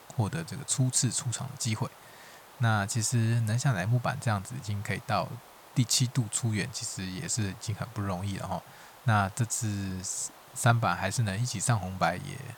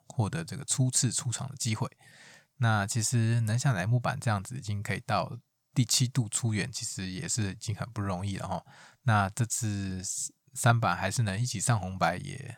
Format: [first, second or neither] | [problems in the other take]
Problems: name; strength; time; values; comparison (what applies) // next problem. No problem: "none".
second | hiss; faint; throughout; 20 dB below the speech